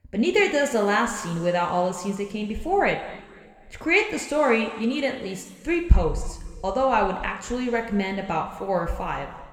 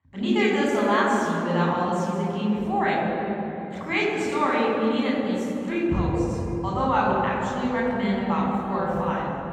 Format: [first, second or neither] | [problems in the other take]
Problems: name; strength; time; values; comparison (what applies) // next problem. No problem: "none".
first | room echo; strong; dies away in 3 s; slight in the first // off-mic speech; far